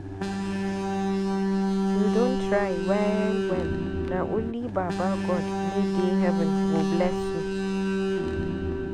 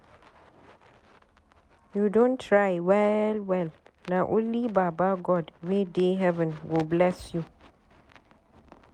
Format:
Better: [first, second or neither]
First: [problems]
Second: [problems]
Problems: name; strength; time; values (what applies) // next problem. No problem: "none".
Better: second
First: background sound (Alarm); 4 dB above the speech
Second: none